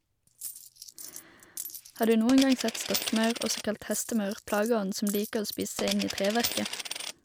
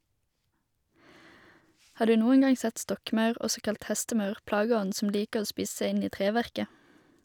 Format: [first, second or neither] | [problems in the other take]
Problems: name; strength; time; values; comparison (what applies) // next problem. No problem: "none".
second | background sound (Coin (dropping)); 8 dB below the speech